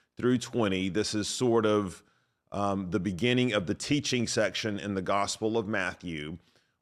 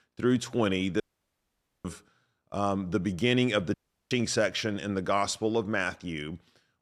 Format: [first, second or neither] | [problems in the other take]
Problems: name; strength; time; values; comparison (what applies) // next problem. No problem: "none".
first | audio cutting out; at 1 s for 1 s and at 3.5 s